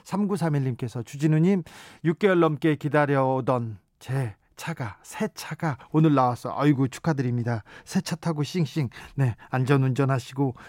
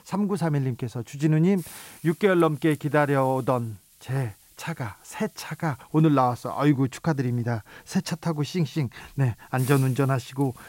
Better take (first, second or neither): first